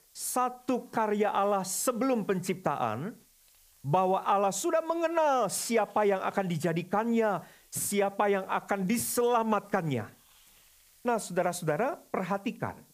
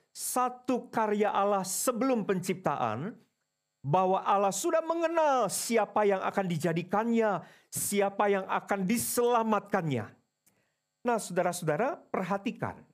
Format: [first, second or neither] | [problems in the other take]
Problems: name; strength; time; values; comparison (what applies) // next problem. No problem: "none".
second | hiss; faint; throughout; 30 dB below the speech